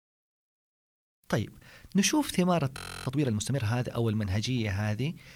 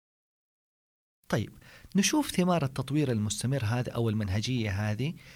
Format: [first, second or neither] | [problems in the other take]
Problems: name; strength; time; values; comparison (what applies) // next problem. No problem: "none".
second | audio freezing; at 3 s